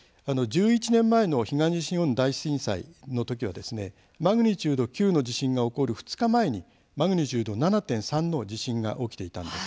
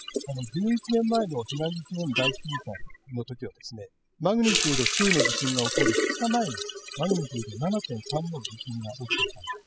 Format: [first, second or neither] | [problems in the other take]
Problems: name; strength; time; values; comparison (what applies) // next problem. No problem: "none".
first | noise reduction (classical method spectral subtraction)